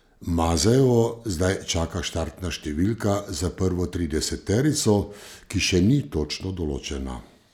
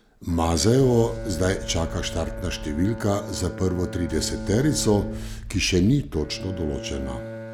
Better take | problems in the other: first | background sound (Bowed string instrument + Boom); 10 dB below the speech

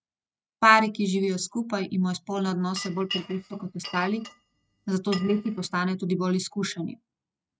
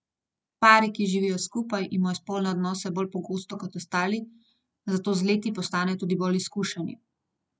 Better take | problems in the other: second | noise reduction (neural mask model RNNoise)

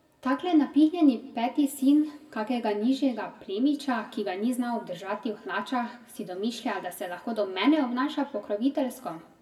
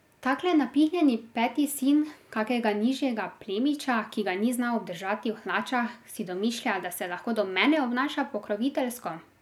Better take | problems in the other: second | room echo; dies away in 1 s

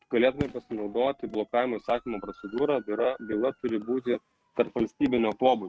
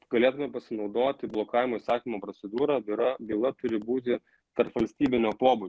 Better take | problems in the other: second | noise reduction (neural mask model RNNoise)

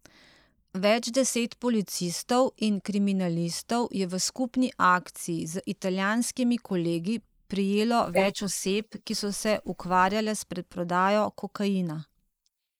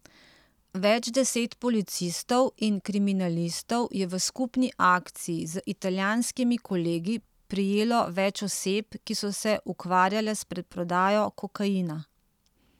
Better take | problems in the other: second | noise reduction (neural mask model Resemble Enhance denoiser)

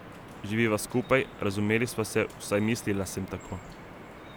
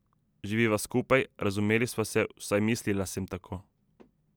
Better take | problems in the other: second | background sound (Drip); 15 dB below the speech

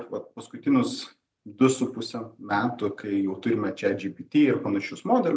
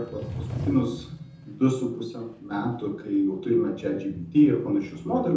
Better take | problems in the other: first | background sound (Sliding door); 13 dB below the speech // room echo; dies away in 0.6 s

